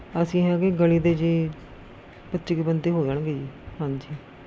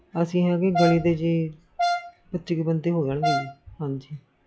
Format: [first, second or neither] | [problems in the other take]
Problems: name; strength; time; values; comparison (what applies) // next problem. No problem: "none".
first | noise reduction (classical method log-MMSE)